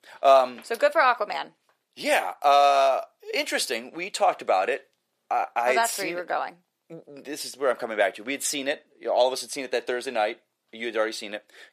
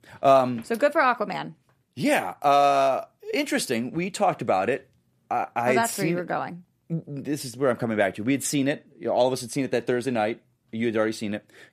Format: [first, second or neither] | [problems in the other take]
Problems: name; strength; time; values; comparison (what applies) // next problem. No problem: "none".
second | thin; somewhat; fading below 550 Hz